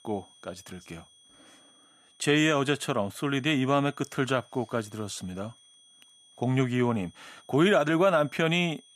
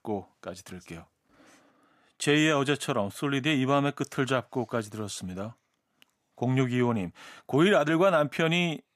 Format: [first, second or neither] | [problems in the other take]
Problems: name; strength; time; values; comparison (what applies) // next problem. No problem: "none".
second | high-pitched whine; faint; throughout; 3.5 kHz, 30 dB below the speech